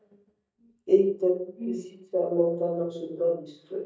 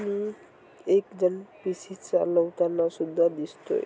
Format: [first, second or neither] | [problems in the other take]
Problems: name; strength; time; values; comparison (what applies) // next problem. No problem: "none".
second | noise reduction (neural mask model DeepFilterNet 3)